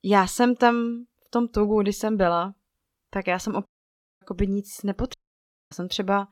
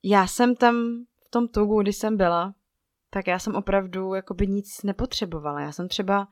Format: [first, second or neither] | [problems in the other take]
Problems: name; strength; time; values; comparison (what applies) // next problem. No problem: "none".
second | audio cutting out; at 3.5 s for 0.5 s and at 5 s for 0.5 s